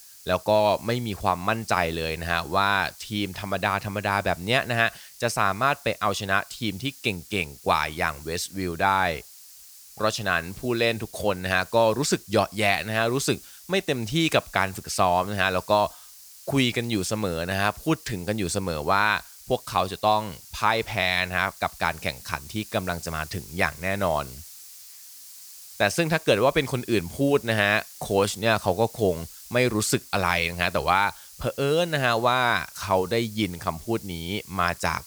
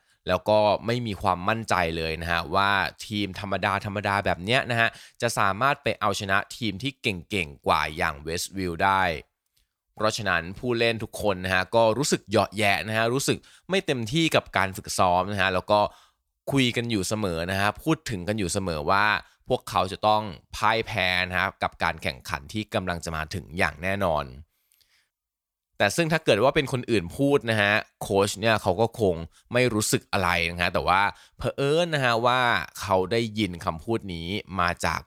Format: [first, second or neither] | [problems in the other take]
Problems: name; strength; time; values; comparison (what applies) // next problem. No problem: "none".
second | hiss; noticeable; throughout; 20 dB below the speech